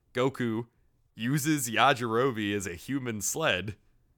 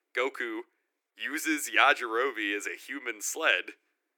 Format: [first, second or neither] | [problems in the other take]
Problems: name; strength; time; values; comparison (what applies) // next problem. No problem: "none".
first | thin; very; fading below 300 Hz